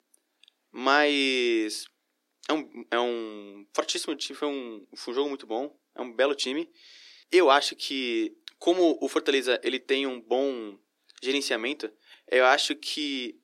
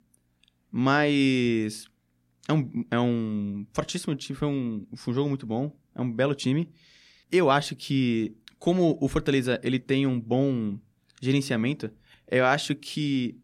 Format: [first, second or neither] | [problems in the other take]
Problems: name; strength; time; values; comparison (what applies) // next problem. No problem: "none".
second | thin; somewhat; fading below 350 Hz